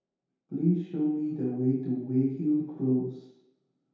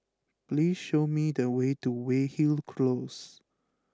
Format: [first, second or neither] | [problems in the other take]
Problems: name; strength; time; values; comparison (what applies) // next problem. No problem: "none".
second | room echo; dies away in 0.8 s